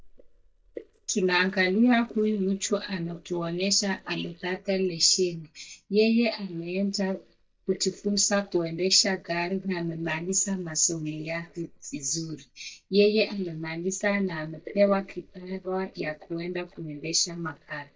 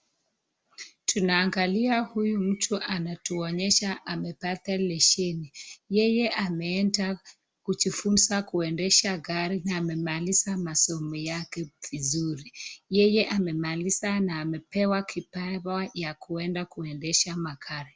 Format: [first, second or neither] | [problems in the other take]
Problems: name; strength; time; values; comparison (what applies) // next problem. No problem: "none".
second | noise reduction (neural mask model DeepFilterNet 3)